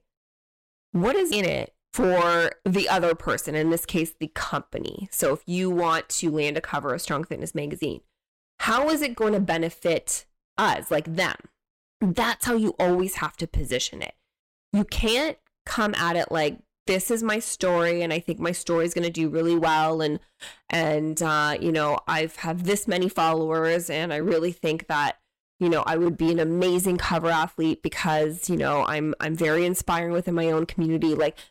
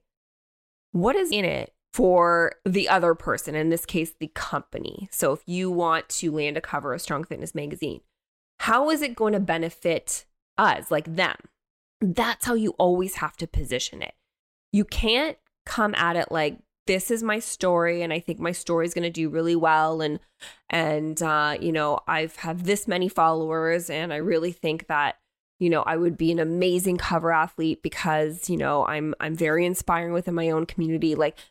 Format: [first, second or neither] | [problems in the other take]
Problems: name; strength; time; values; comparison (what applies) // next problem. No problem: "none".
second | distortion; slight; 8% of the sound clipped